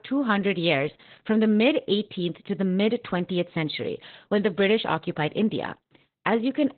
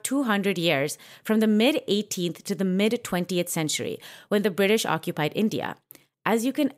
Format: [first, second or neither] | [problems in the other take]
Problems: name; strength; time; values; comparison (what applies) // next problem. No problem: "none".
second | garbled, watery; badly; nothing above 4 kHz